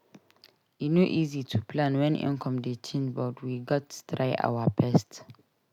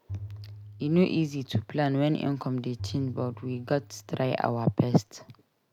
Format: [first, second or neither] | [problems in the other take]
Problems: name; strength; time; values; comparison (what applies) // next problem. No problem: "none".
first | background sound (Bowed string instrument); 16 dB below the speech